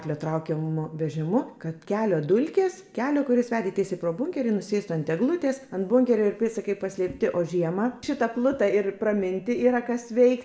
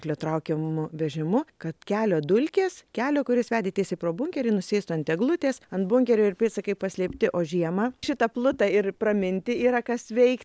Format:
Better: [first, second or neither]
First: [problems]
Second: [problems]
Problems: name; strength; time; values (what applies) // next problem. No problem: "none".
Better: second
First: room echo; dies away in 0.9 s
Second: none